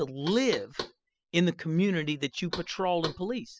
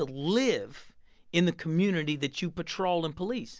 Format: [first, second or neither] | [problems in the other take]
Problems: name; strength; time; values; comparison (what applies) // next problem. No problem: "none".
second | noise reduction (classical method spectral subtraction)